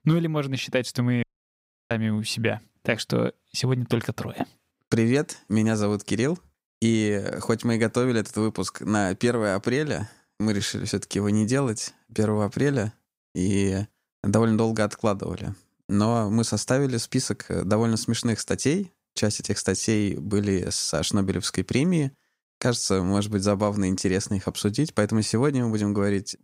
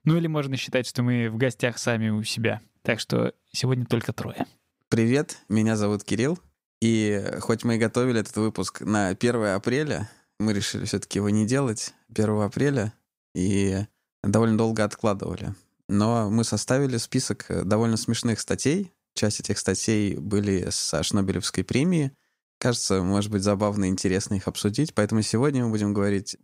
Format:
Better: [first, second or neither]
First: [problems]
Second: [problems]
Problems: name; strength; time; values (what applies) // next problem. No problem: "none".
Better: second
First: audio cutting out; at 1 s for 0.5 s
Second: none